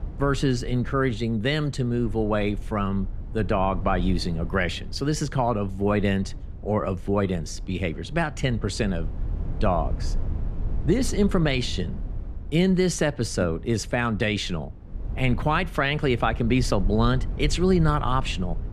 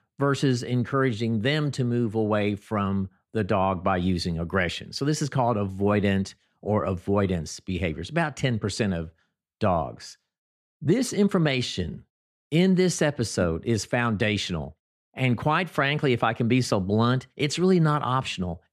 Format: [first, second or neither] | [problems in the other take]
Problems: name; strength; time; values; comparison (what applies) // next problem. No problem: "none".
second | low rumble; faint; throughout; 20 dB below the speech